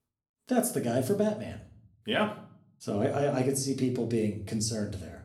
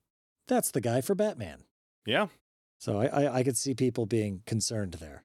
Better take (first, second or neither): second